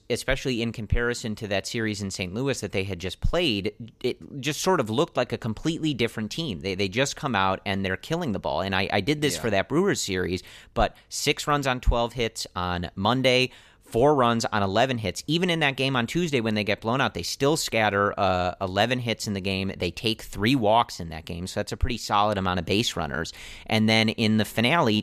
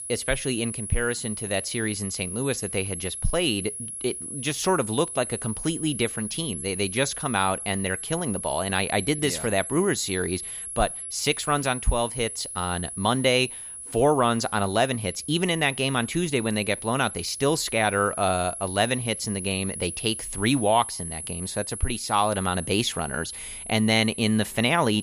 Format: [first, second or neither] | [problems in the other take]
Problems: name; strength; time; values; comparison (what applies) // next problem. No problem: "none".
first | high-pitched whine; loud; throughout; 10.5 kHz, 7 dB below the speech